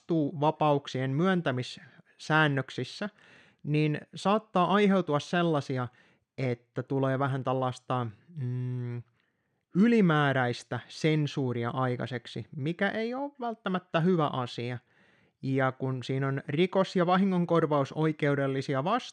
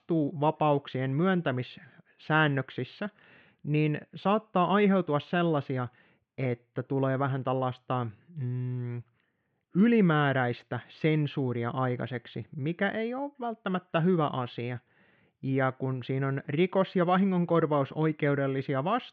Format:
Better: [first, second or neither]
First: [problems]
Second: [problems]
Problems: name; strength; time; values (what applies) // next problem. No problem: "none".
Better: first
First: none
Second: muffled; slightly; fading above 3 kHz